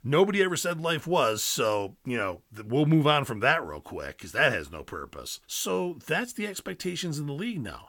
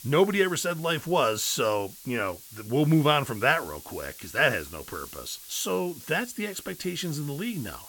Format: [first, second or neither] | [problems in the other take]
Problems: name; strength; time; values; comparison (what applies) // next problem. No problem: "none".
first | hiss; noticeable; throughout; 15 dB below the speech